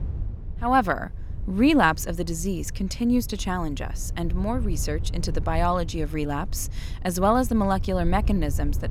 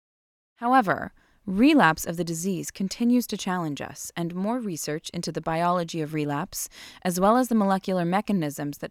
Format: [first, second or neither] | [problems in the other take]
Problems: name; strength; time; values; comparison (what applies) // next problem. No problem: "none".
second | low rumble; faint; throughout; 20 dB below the speech